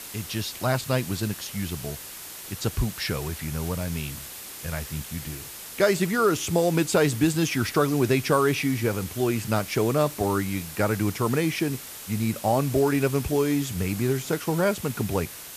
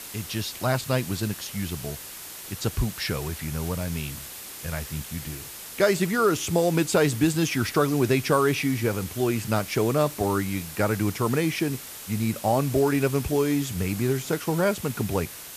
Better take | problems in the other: neither | hiss; noticeable; throughout; 10 dB below the speech; the same in both

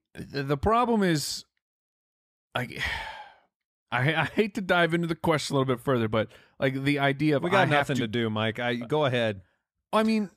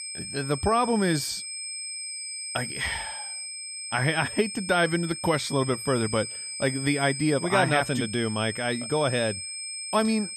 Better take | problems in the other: first | high-pitched whine; loud; throughout; 8.5 kHz, 7 dB below the speech

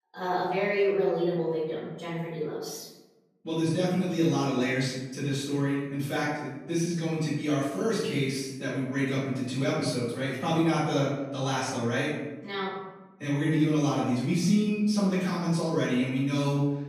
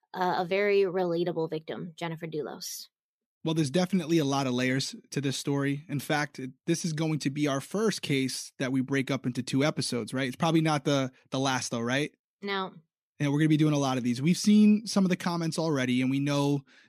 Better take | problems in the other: second | off-mic speech; far // room echo; strong; dies away in 0.9 s

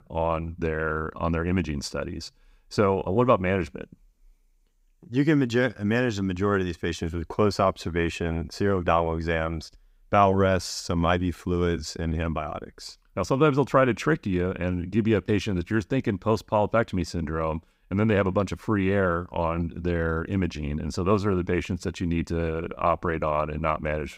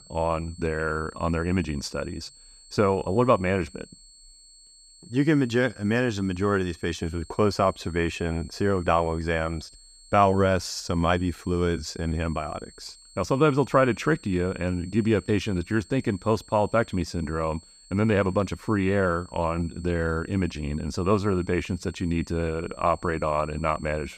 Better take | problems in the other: first | high-pitched whine; faint; throughout; 4.5 kHz, 25 dB below the speech

